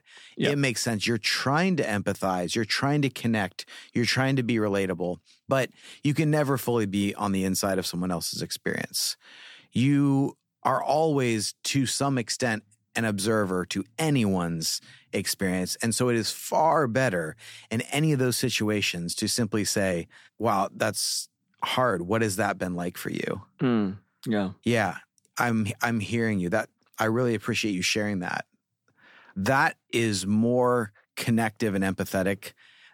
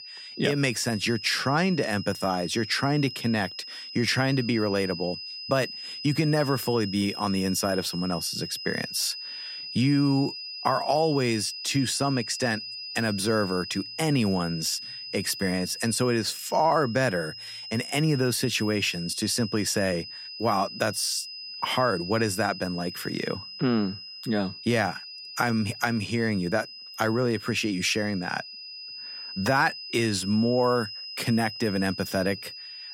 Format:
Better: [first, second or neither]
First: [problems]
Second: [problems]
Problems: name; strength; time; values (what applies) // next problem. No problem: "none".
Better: first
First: none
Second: high-pitched whine; loud; throughout; 5 kHz, 10 dB below the speech